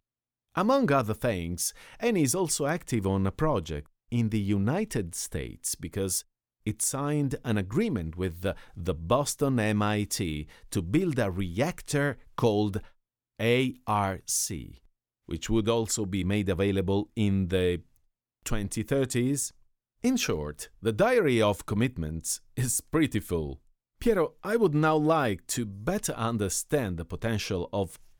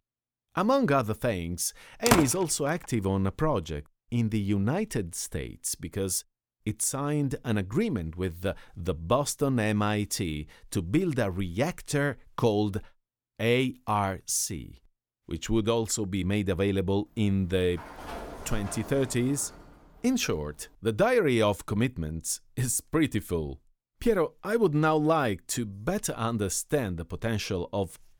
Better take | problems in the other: first | door banging; loud; at 2 s; peak 4 dB above the speech // door banging; faint; from 17 to 20 s; peak 10 dB below the speech

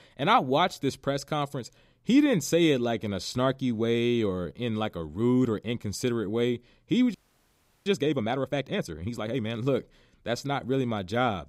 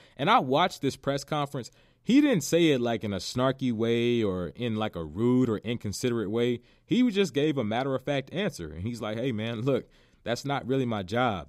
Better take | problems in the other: second | audio freezing; at 7 s for 0.5 s

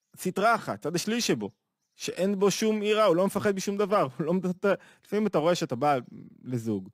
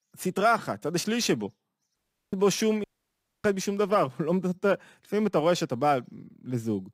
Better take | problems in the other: first | audio cutting out; at 2 s and at 3 s for 0.5 s

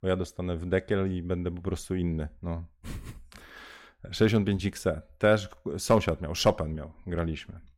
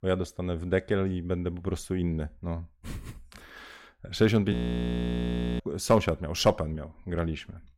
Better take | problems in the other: first | audio freezing; at 4.5 s for 1 s

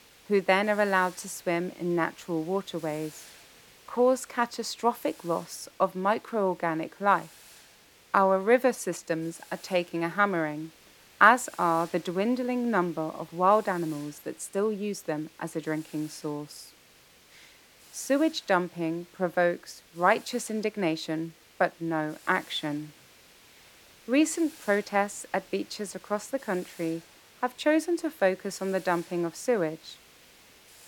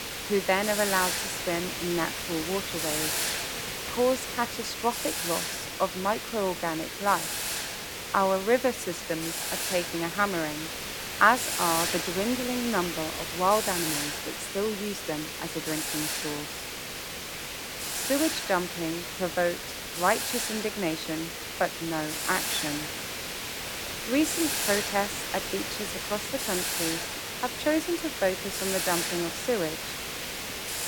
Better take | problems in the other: first | hiss; loud; throughout; 1 dB below the speech; faint in the first

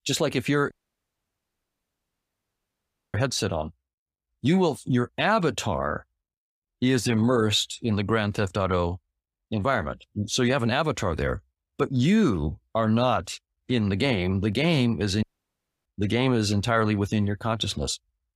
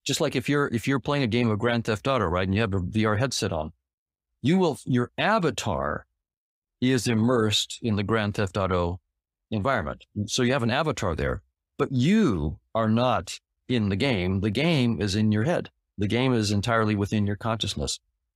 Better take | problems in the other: second | audio cutting out; at 0.5 s for 2.5 s and at 15 s for 0.5 s

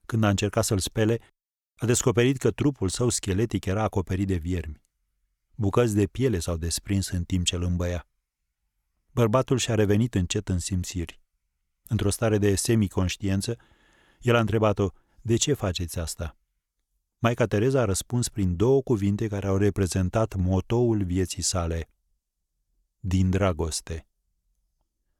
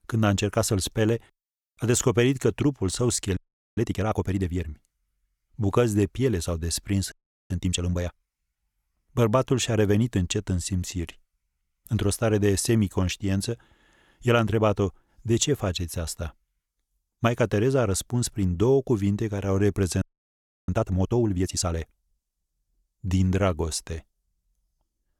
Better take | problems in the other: first | audio freezing; at 3.5 s, at 7 s and at 20 s for 0.5 s

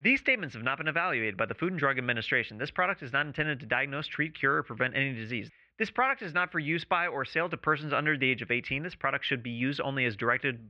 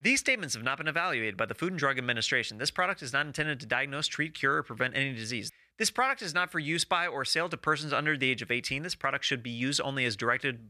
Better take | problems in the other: second | muffled; very; fading above 2.5 kHz

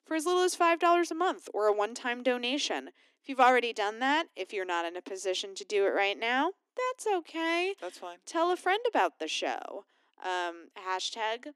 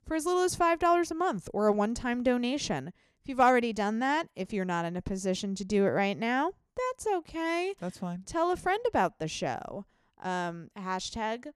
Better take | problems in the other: second | thin; somewhat; fading below 250 Hz

